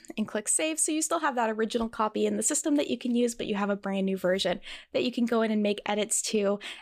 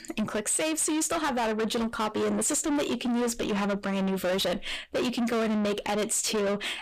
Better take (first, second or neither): first